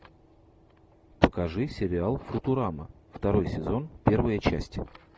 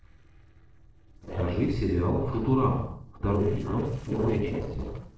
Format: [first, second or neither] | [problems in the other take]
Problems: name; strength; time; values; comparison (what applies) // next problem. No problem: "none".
first | noise reduction (neural separator model SepFormer DNS4)